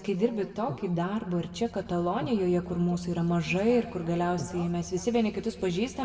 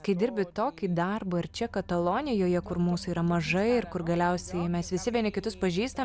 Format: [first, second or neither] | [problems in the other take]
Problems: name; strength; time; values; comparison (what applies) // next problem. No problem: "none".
second | background sound (Breathing); 11 dB below the speech // room echo; dies away in 1.5 s